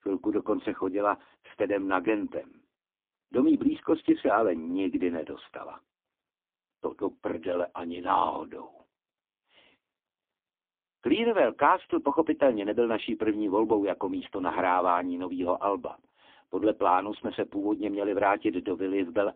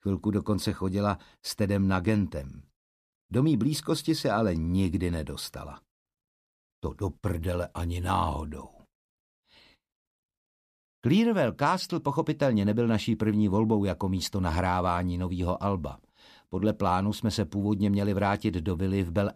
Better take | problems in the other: second | phone-call audio; poor line

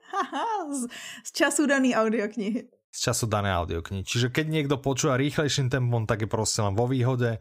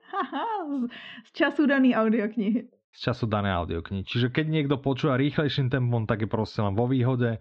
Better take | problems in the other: first | muffled; slightly; fading above 4 kHz

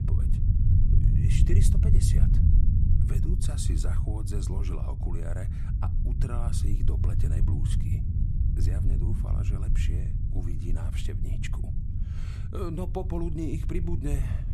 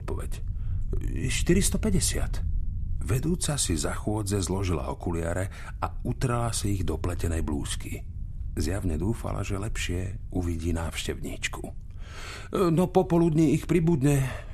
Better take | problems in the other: second | low rumble; loud; throughout; 1 dB below the speech; faint in the second

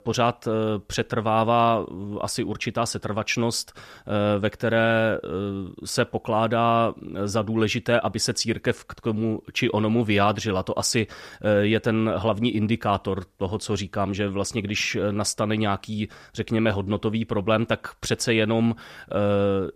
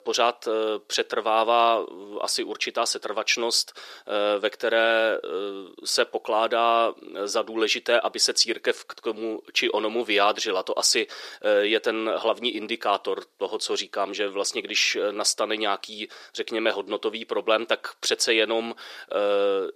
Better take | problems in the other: first | thin; very; fading below 350 Hz

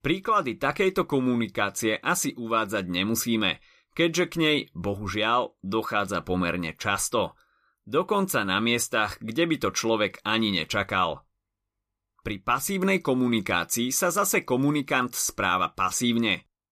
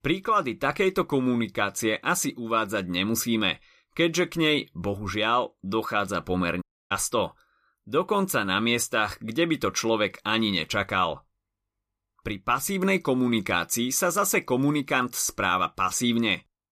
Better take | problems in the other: first | audio cutting out; at 6.5 s

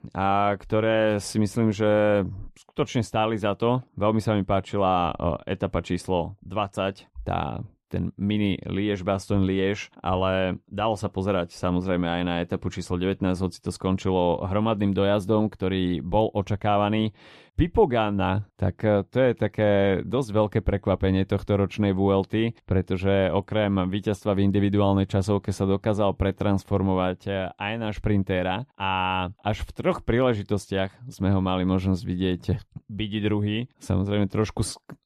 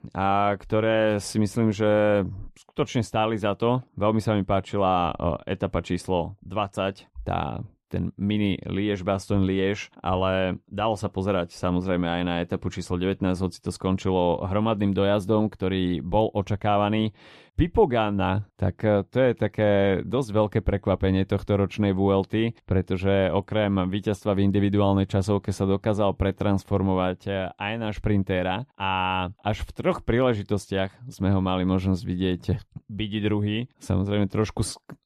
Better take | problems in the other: neither | muffled; slightly; fading above 1.5 kHz; the same in both

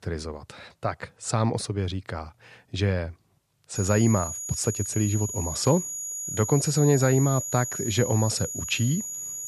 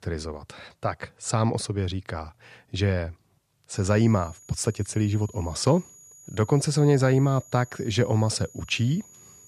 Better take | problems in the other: second | high-pitched whine; loud; from 4 s on; 7 kHz, 5 dB below the speech; faint in the second

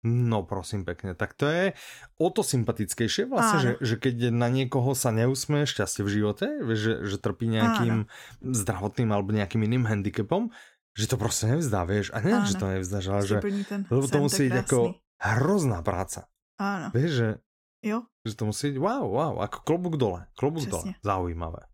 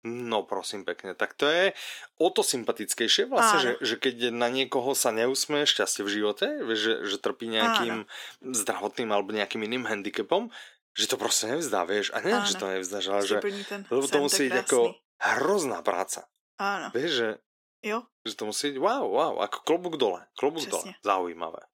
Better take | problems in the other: first | thin; somewhat; fading below 350 Hz

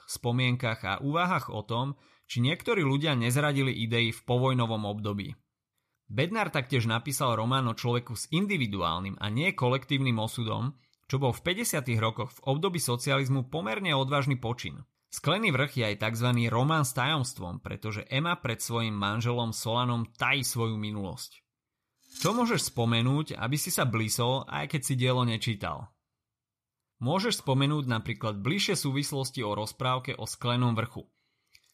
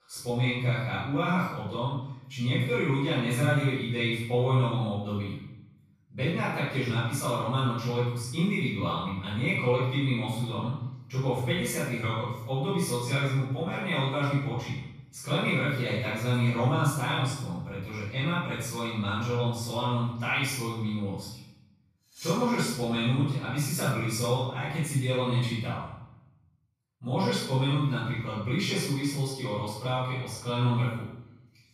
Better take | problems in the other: first | off-mic speech; far // room echo; strong; dies away in 0.7 s

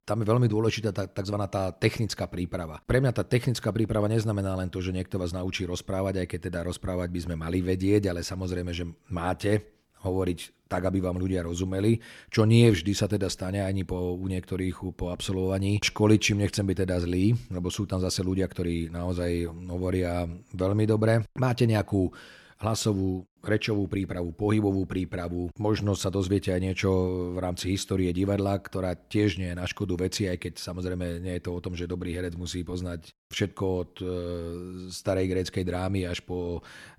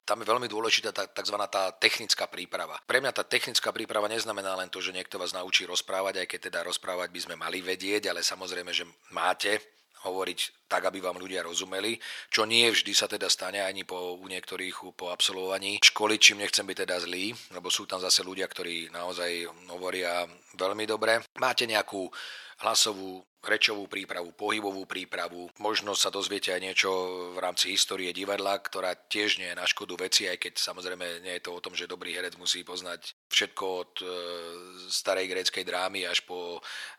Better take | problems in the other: first | thin; very; fading below 800 Hz

